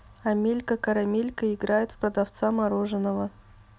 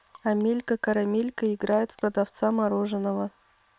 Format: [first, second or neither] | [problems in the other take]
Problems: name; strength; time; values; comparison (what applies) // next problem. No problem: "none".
first | noise reduction (neural separator model SepFormer WHAM!)